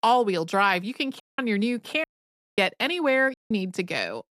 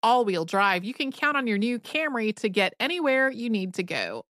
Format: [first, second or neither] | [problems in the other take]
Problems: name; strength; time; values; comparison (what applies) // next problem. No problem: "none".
second | audio cutting out; at 1 s, at 2 s for 0.5 s and at 3.5 s